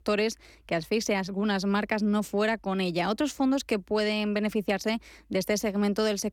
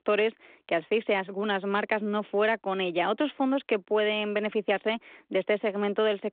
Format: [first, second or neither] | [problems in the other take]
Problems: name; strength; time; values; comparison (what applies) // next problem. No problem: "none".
first | phone-call audio